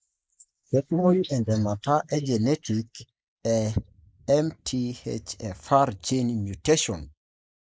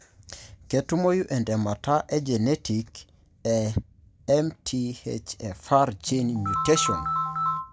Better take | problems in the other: second | noise reduction (neural mask model Resemble Enhance denoiser)

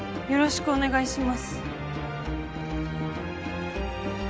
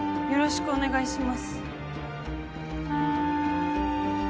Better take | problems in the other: first | background sound (Wind instrument, woodwind instrument); as loud as the speech

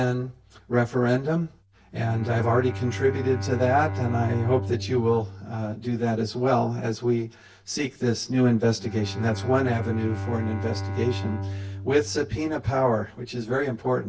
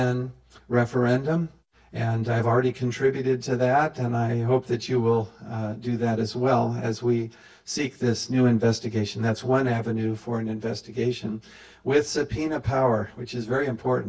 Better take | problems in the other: second | background sound (Bowed string instrument); 9 dB below the speech

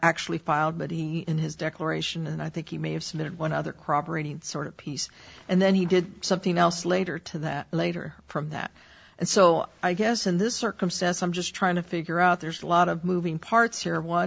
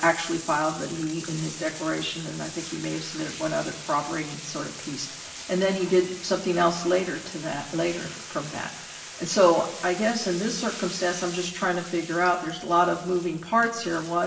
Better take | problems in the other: first | background sound (Bathtub (filling or washing)); 13 dB below the speech // room echo; dies away in 1 s

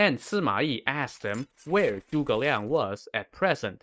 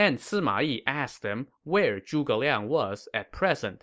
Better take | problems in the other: second | noise reduction (neural mask model RNNoise)

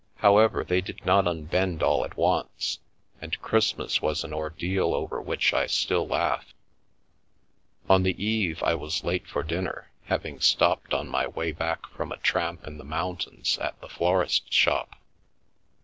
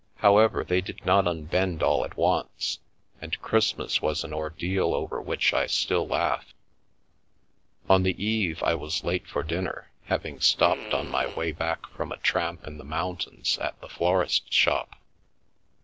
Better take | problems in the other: first | background sound (Fart); 14 dB below the speech

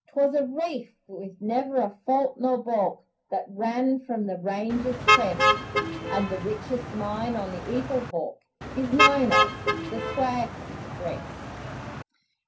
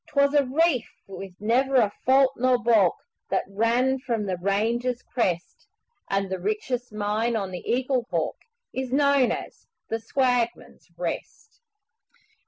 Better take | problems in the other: second | background sound (Motor vehicle (road)); 2 dB above the speech // room echo; dies away in 0.3 s

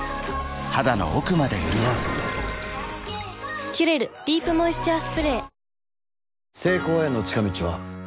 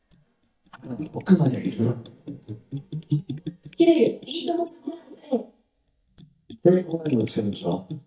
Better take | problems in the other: first | noise reduction (neural mask model DeepFilterNet 3)

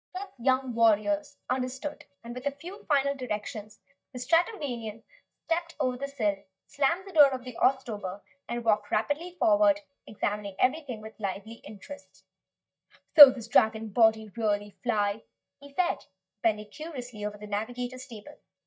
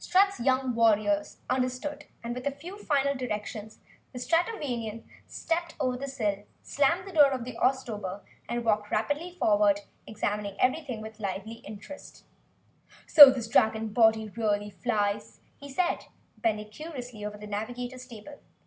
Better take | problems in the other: second | noise reduction (neural mask model DeepFilterNet 3)

